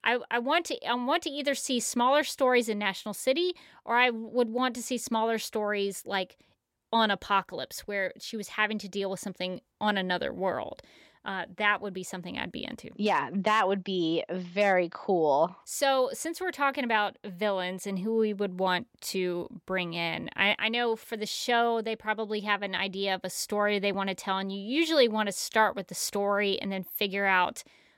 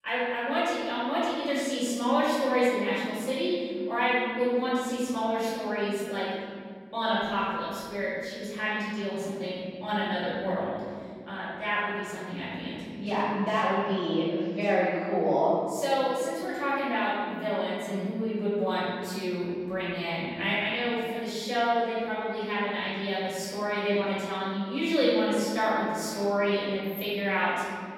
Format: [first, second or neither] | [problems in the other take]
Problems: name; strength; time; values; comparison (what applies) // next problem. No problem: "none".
first | off-mic speech; far // room echo; strong; dies away in 2.8 s